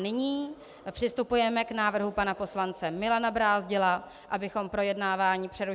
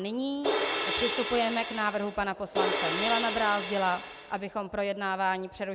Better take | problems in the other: first | background sound (Crash cymbal); 1 dB below the speech

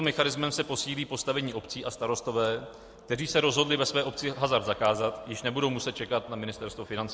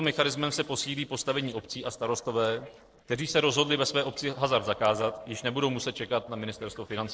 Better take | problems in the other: first | noise reduction (neural separator model SepFormer DNS4)

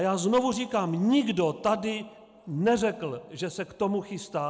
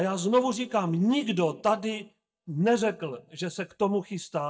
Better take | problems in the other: first | noise reduction (neural mask model DeepFilterNet 3)

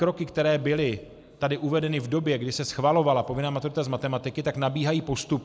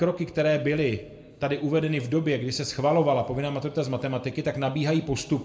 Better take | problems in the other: first | room echo; dies away in 0.8 s

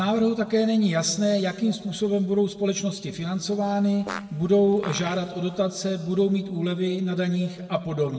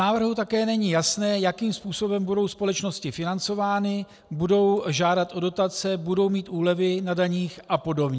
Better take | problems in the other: second | background sound (Fart); 16 dB below the speech // room echo; dies away in 1.4 s

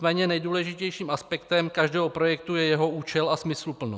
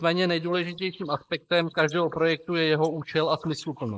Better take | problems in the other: first | noise reduction (neural mask model Resemble Enhance denoiser)

